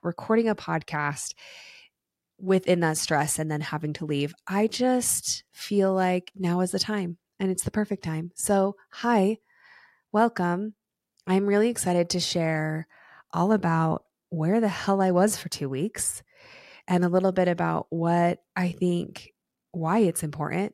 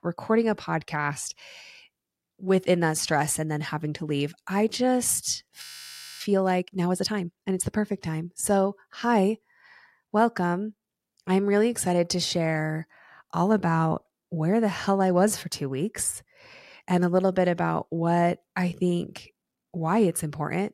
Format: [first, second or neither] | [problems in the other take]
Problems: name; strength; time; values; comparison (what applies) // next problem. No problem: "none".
first | audio freezing; at 5.5 s for 0.5 s